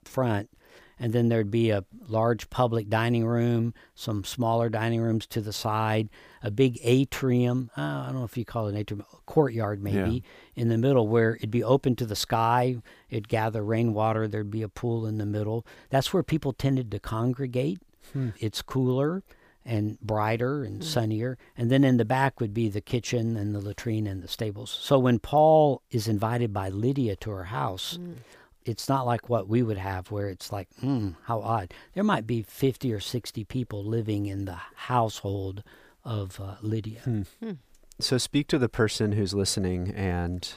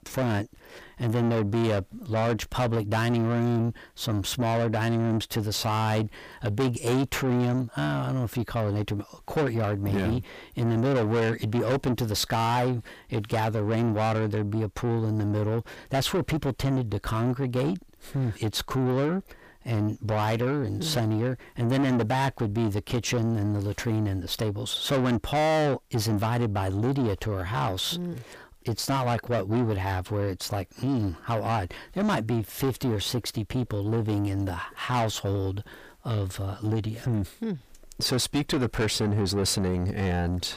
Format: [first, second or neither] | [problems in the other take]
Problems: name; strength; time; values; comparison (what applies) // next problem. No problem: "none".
first | distortion; heavy; 7 dB below the speech